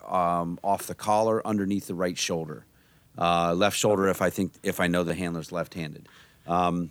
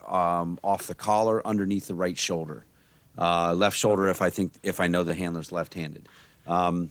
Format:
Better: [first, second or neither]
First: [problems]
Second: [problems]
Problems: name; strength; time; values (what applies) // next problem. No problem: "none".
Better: first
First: none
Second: garbled, watery; slightly